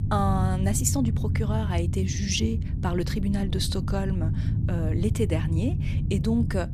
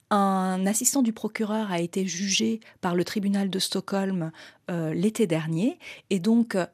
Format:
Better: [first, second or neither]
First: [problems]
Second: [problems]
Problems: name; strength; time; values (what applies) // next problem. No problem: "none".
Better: second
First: low rumble; loud; throughout; 9 dB below the speech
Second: none